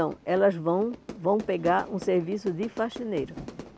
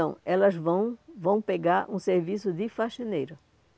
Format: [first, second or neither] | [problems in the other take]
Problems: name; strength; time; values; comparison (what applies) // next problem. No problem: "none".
second | background sound (Fire / Fireworks); 16 dB below the speech